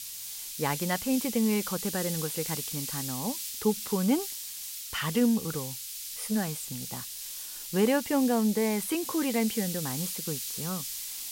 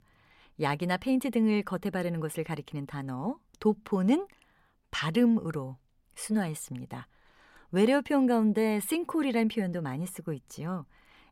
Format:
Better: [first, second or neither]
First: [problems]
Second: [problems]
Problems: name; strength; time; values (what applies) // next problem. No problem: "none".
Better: second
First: hiss; loud; throughout; 4 dB below the speech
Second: none